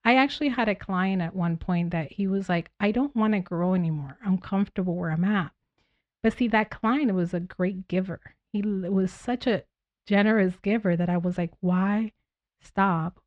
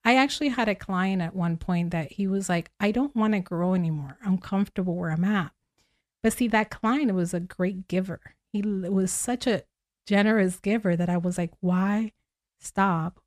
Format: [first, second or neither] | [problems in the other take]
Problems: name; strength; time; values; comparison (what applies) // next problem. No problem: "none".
second | muffled; slightly; fading above 4 kHz